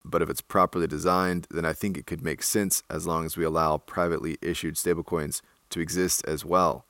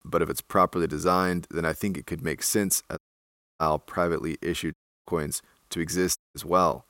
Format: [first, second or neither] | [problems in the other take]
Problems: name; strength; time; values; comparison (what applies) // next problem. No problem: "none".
first | audio cutting out; at 3 s for 0.5 s, at 4.5 s and at 6 s